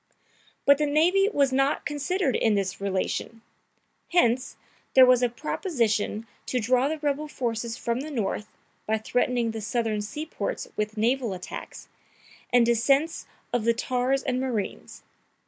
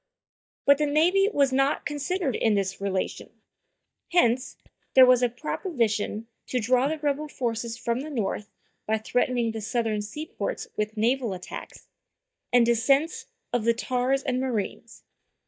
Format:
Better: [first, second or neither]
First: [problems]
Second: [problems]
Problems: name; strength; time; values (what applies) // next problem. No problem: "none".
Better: first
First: none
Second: noise reduction (neural mask model DeepFilterNet 3)